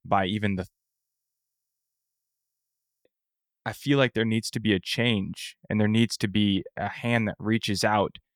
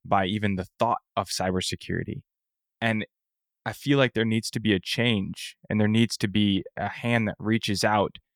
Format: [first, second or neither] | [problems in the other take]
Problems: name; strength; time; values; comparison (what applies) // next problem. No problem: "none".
second | audio freezing; at 0.5 s for 2.5 s